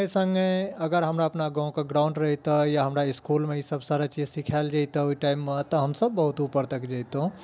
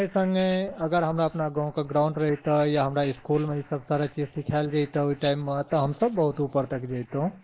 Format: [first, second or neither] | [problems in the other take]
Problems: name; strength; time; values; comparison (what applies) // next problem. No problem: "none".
first | noise reduction (neural mask model Resemble Enhance denoiser)